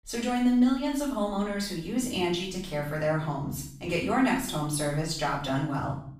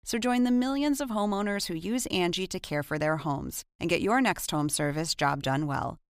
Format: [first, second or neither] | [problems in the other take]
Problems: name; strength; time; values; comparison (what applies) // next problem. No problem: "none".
second | off-mic speech; far // room echo; noticeable; dies away in 0.6 s